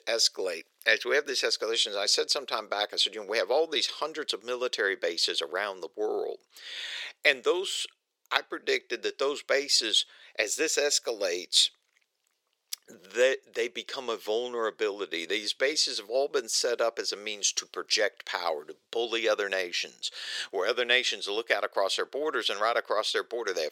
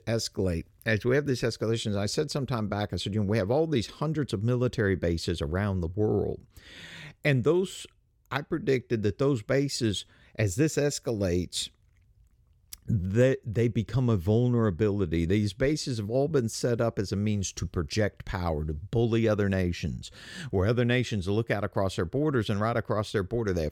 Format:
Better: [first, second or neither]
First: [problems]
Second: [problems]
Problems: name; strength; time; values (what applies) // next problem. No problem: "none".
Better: second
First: thin; very; fading below 450 Hz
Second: none